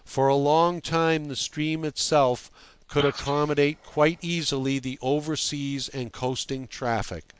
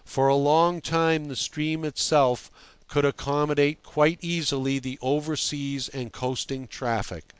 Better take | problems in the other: second | noise reduction (neural mask model Resemble Enhance denoiser)

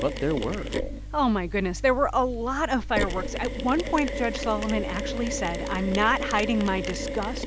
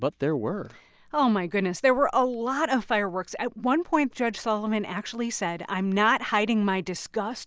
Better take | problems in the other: second | background sound (Mechanisms); 5 dB below the speech

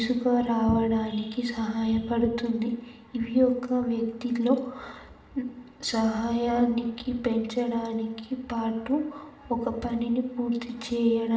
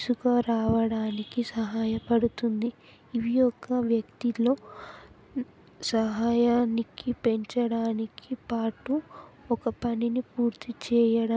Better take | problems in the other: second | room echo; dies away in 0.9 s

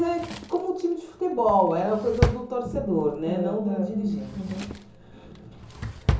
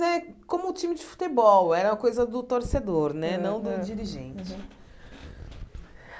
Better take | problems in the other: second | background sound (Drawer open or close); 6 dB below the speech // room echo; dies away in 0.6 s

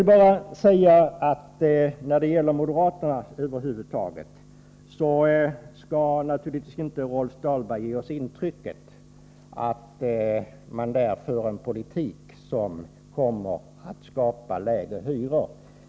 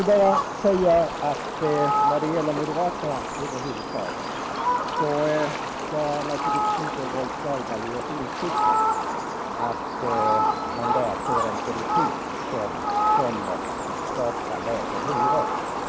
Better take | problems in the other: first | background sound (Fowl); 1 dB above the speech

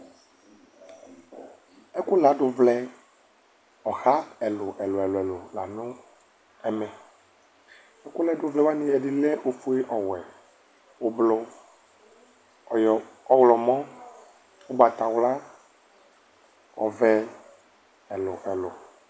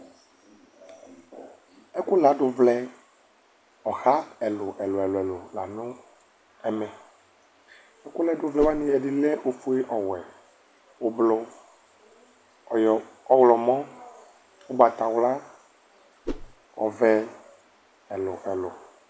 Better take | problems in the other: first | background sound (Whoosh, swoosh, swish); 7 dB below the speech

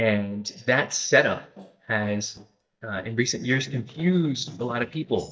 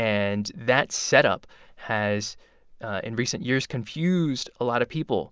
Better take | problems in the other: second | noise reduction (neural mask model DeepFilterNet 3)

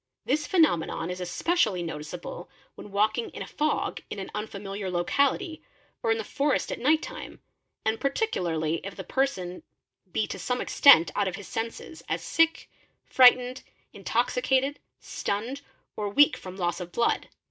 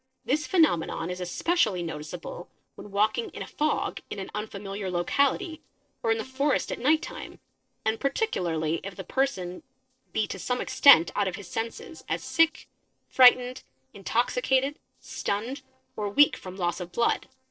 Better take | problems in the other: first | noise reduction (neural separator model SepFormer DNS4)

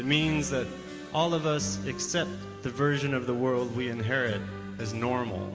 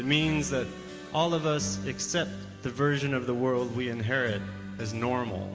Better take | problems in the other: second | background sound (Wind instrument, woodwind instrument); 17 dB below the speech

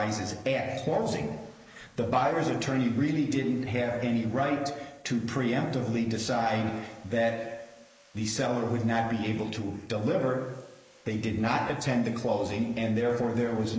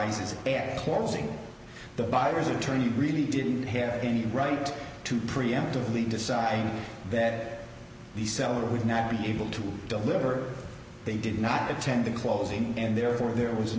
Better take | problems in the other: second | noise reduction (neural mask model Resemble Enhance denoiser)

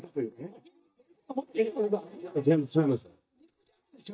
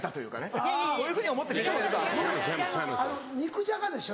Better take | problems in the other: second | noise reduction (neural mask model DeepFilterNet 3)

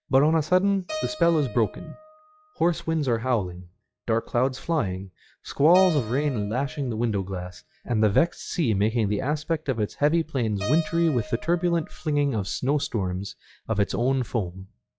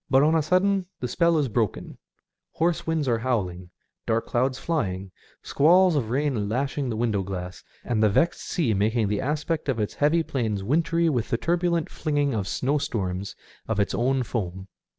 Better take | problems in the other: second | noise reduction (classical method log-MMSE)

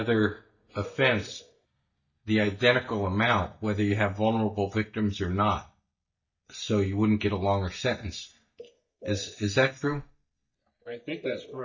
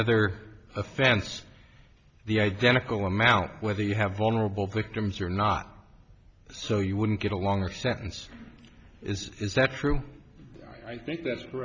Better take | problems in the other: second | noise reduction (neural mask model DeepFilterNet 3)

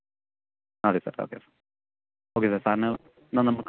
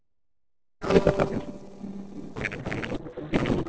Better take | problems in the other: first | noise reduction (neural separator model SepFormer DNS4)

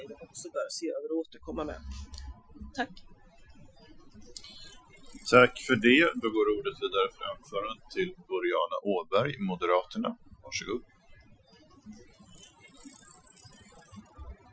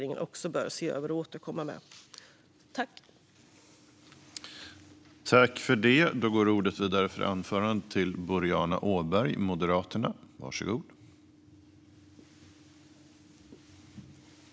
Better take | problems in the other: second | noise reduction (classical method Wiener filter)

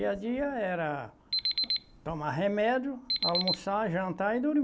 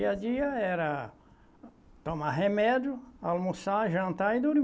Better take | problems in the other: second | background sound (Alarm); 2 dB below the speech

